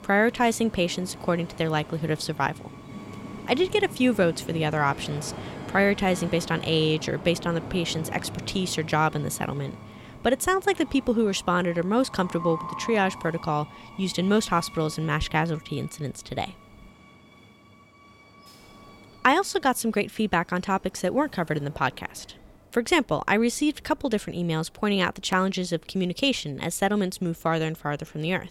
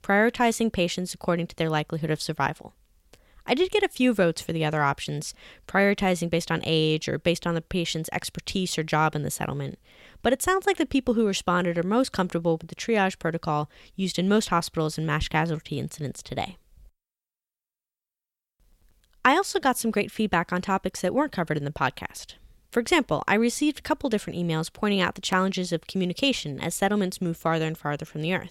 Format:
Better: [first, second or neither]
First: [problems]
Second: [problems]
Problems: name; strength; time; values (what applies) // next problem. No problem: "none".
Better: second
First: train or aircraft noise; noticeable; throughout; 15 dB below the speech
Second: none